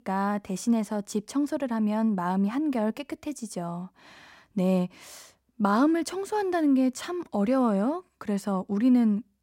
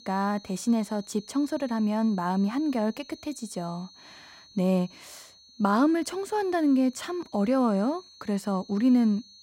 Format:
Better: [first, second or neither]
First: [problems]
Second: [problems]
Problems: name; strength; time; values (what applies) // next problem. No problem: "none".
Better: first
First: none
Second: high-pitched whine; faint; throughout; 4.5 kHz, 25 dB below the speech